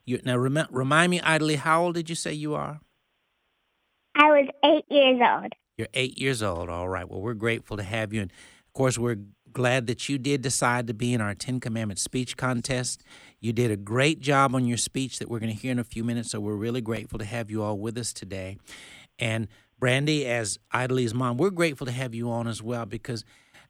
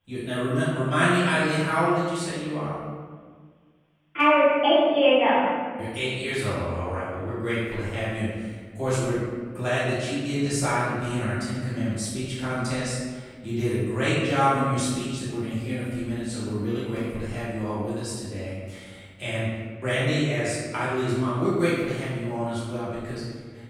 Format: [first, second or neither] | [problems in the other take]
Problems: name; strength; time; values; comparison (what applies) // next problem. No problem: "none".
first | room echo; strong; dies away in 1.5 s // off-mic speech; far